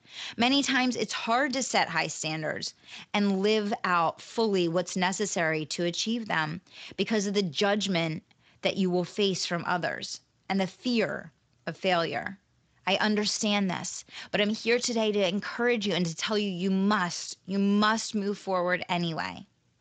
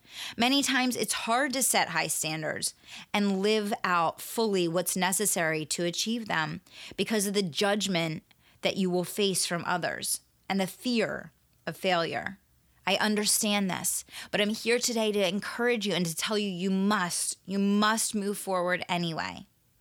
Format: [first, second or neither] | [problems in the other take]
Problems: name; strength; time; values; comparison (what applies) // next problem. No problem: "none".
second | garbled, watery; slightly; nothing above 7.5 kHz